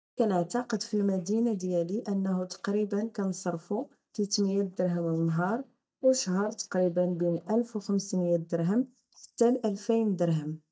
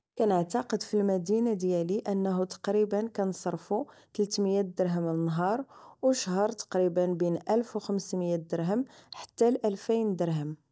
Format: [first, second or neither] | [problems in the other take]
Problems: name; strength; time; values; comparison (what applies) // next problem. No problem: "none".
second | noise reduction (neural mask model DeepFilterNet 3)